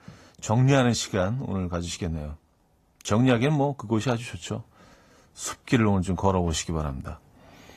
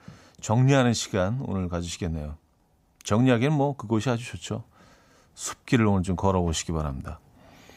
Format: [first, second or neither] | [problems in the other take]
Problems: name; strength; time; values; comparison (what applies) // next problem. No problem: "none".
second | garbled, watery; slightly; nothing above 14.5 kHz